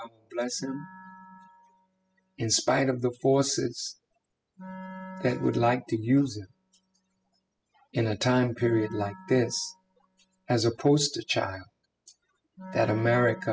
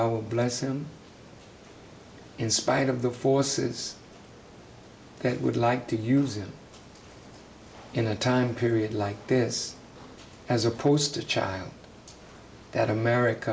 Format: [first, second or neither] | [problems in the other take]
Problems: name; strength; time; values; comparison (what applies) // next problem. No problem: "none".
second | noise reduction (classical method spectral subtraction)